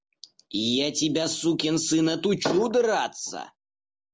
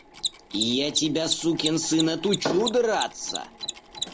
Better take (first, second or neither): first